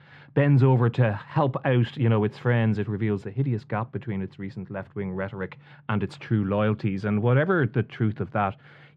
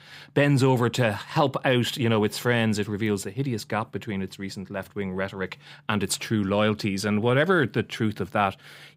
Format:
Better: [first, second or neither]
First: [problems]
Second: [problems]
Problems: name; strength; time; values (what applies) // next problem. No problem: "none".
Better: second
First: muffled; very; fading above 2 kHz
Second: none